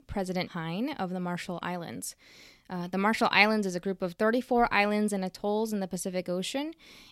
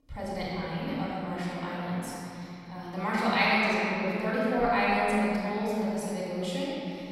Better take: first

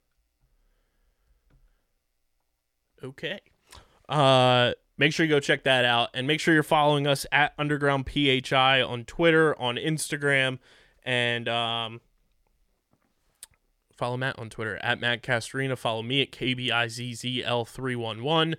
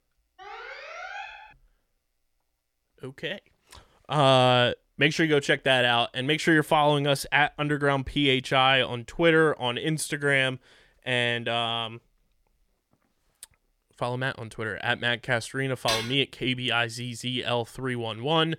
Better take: first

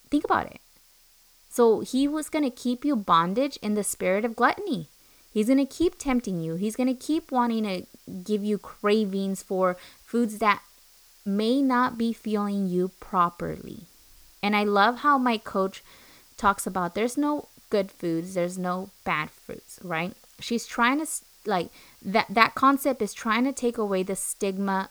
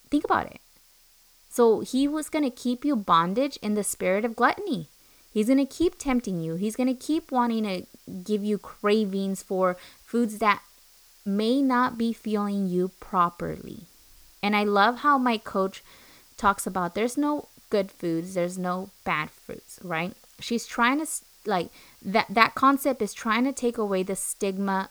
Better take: neither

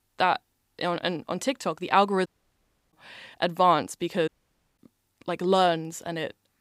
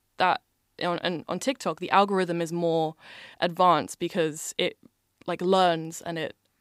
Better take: second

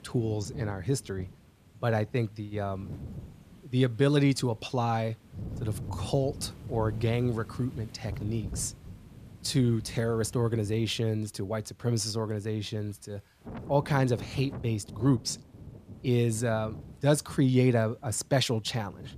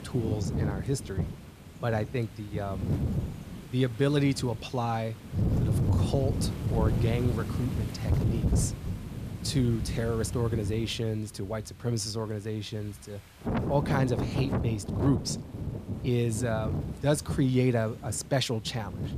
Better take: first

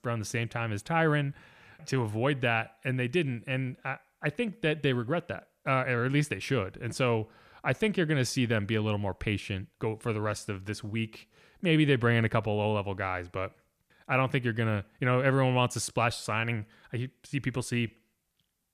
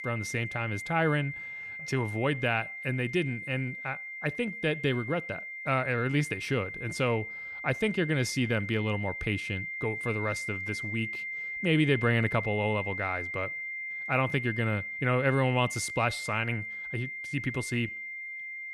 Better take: first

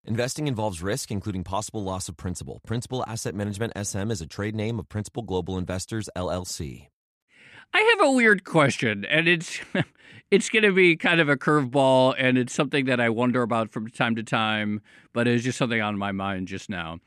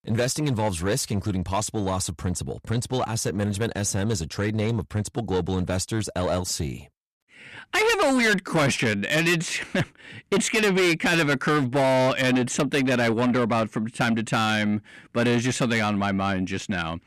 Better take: first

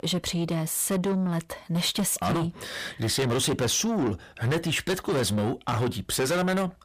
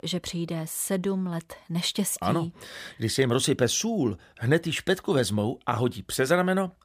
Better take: second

